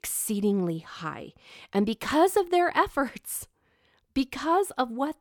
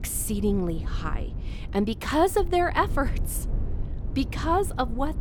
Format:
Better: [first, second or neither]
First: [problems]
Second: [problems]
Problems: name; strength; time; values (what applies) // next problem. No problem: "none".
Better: first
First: none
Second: low rumble; noticeable; throughout; 20 dB below the speech